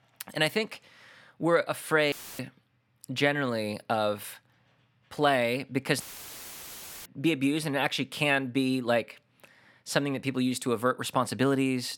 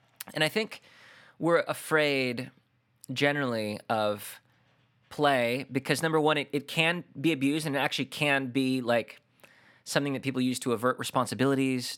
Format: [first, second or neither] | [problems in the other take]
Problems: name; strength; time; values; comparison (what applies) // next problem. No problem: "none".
second | audio cutting out; filled with static; at 2 s and at 6 s for 1 s